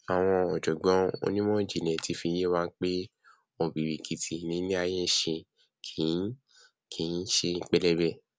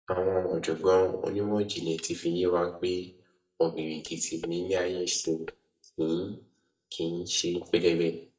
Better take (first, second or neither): first